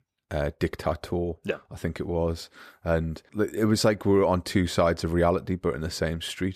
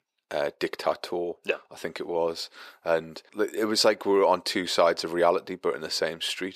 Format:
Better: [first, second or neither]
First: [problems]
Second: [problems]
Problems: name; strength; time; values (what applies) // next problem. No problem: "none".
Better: first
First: none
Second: thin; somewhat; fading below 450 Hz